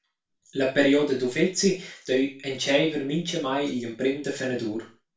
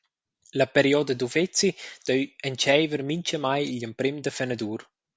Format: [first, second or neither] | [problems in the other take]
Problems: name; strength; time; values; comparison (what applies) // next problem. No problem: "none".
second | room echo; dies away in 0.3 s